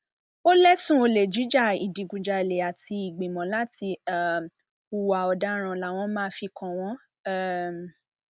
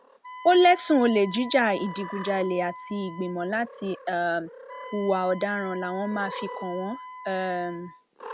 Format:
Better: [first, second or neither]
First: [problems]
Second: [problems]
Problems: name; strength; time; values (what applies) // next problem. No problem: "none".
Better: first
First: none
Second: background sound (Cat + Wind instrument, woodwind instrument); 15 dB below the speech